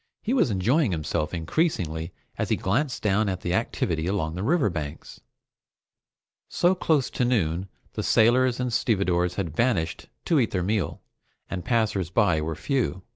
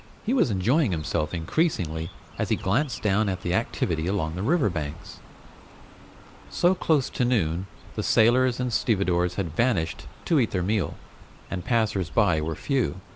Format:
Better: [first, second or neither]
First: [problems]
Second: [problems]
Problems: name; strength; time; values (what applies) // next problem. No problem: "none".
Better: first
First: none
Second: background sound (Chirp, tweet); 18 dB below the speech